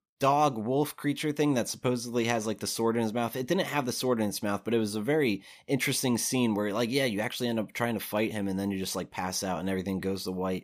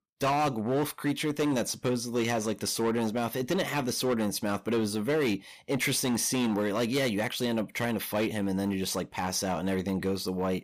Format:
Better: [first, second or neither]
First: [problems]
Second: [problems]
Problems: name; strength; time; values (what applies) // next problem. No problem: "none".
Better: first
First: none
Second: distortion; slight; 10% of the sound clipped